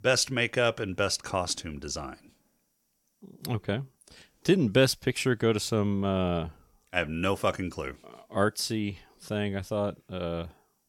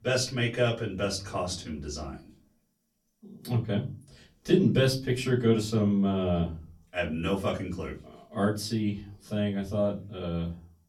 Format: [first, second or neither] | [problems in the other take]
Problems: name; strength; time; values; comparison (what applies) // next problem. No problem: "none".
first | off-mic speech; far // room echo; very slight; dies away in 0.4 s